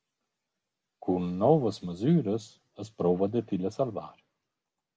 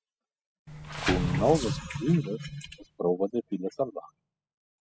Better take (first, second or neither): first